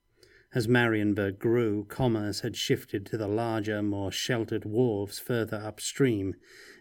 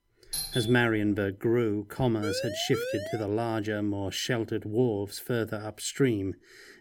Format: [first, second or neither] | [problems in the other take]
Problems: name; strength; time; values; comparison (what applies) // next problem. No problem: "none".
first | doorbell; noticeable; at 0.5 s; peak 3 dB below the speech // siren; noticeable; from 2 to 3 s; peak 5 dB below the speech